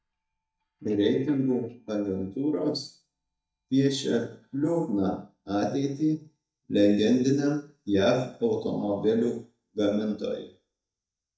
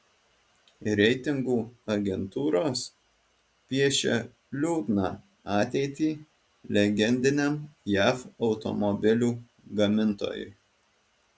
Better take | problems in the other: second | noise reduction (neural mask model DeepFilterNet 3)

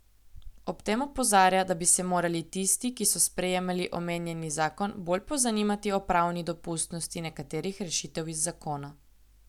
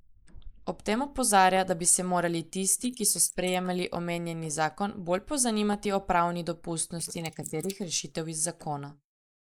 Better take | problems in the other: first | noise reduction (neural mask model Resemble Enhance denoiser)

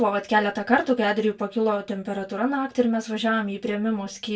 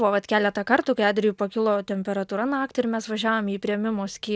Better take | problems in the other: second | room echo; dies away in 0.2 s

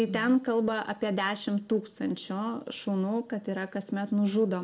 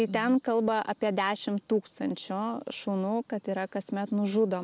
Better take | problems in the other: second | room echo; dies away in 0.4 s

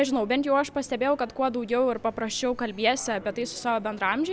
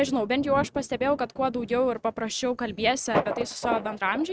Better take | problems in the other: first | noise reduction (neural mask model RNNoise)

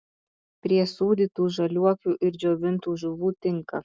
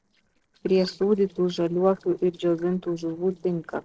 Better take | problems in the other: first | noise reduction (neural separator model SepFormer DNS4)

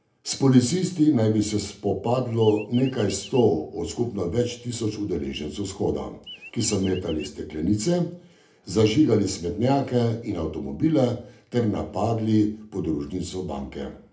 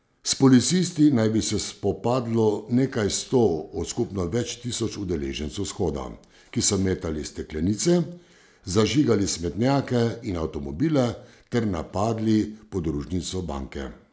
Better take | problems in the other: second | background sound (Chirp, tweet); 18 dB below the speech // room echo; dies away in 0.3 s

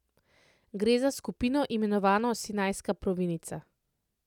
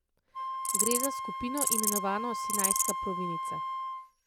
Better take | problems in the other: first | background sound (Wind instrument, woodwind instrument + Insect); 5 dB above the speech

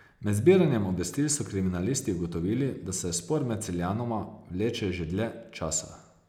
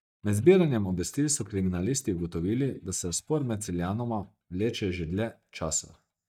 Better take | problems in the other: first | noise reduction (neural mask model DeepFilterNet 3)

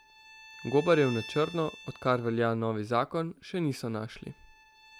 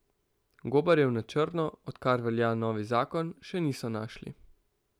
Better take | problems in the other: second | background sound (Bowed string instrument); 18 dB below the speech

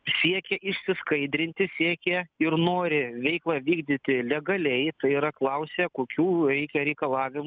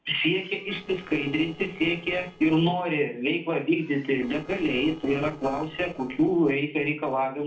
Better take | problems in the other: first | noise reduction (neural separator model SepFormer DNS4)

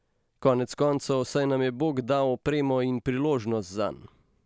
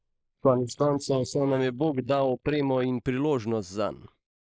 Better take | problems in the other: first | noise reduction (neural mask model Resemble Enhance denoiser)

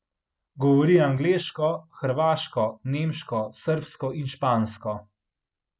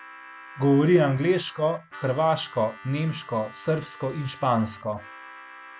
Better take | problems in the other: first | background sound (Harmonica); 19 dB below the speech

